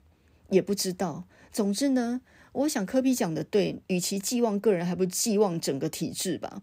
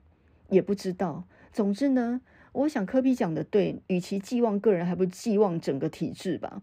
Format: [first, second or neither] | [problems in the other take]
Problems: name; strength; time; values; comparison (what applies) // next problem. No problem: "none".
first | muffled; slightly; fading above 4 kHz